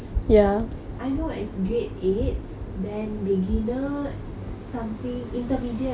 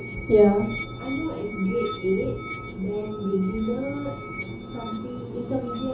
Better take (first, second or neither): first